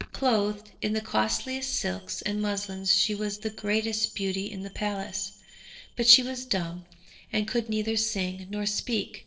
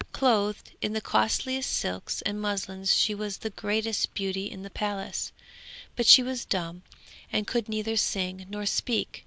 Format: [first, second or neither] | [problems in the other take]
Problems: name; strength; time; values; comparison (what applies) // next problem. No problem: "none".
second | noise reduction (neural separator model SepFormer DNS4)